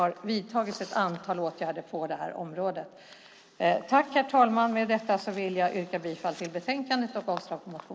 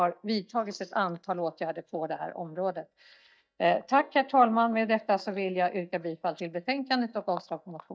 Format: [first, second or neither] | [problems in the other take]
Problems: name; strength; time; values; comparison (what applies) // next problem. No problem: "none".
first | noise reduction (neural mask model DeepFilterNet 3)